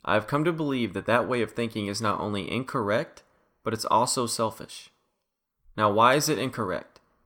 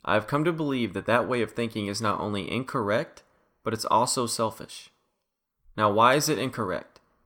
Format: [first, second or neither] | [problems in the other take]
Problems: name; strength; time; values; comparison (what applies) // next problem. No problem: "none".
neither | none